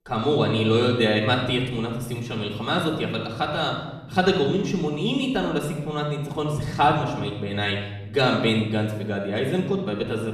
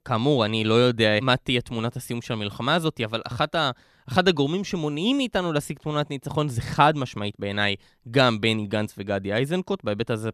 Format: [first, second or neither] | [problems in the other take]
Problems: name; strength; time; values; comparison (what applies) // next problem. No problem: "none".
second | off-mic speech; far // room echo; noticeable; dies away in 1.1 s